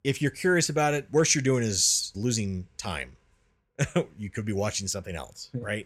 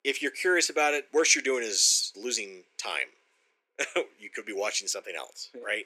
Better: first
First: none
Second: thin; very; fading below 300 Hz

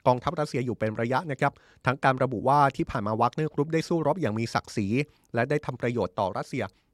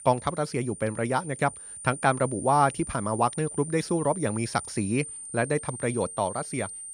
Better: first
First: none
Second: high-pitched whine; noticeable; throughout; 9 kHz, 10 dB below the speech

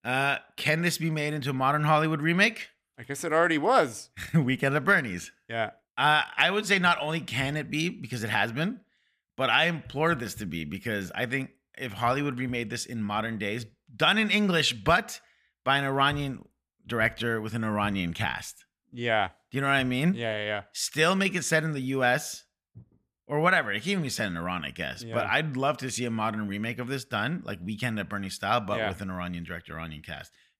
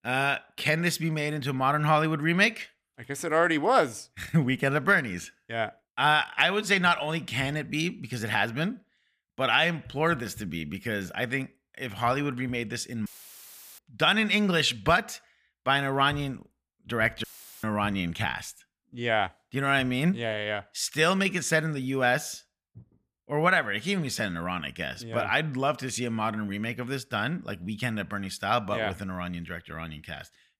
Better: first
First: none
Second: audio cutting out; filled with static; at 13 s for 0.5 s and at 17 s

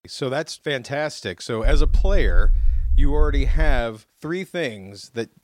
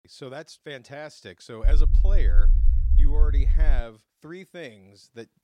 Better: first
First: low rumble; faint; from 1.5 to 4 s; 20 dB below the speech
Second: low rumble; loud; from 1.5 to 4 s; 7 dB below the speech

